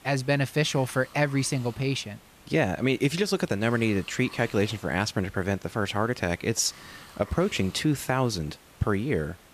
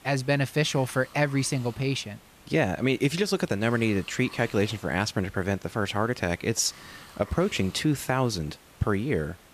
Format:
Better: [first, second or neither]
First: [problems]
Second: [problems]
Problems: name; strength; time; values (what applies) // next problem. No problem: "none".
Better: neither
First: hiss; faint; throughout; 25 dB below the speech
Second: hiss; faint; throughout; 25 dB below the speech